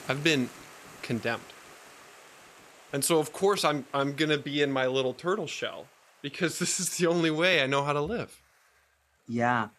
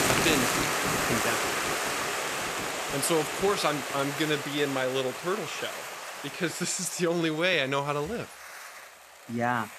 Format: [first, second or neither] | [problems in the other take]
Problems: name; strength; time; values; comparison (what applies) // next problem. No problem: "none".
first | hiss; loud; throughout; 1 dB below the speech; faint in the first